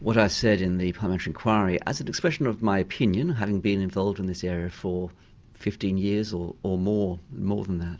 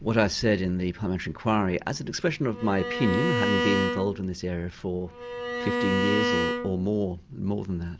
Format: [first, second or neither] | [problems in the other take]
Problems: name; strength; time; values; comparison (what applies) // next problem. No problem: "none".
first | background sound (Bowed string instrument); 2 dB below the speech